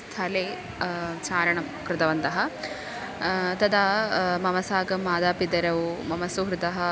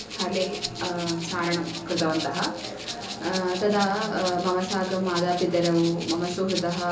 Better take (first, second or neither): first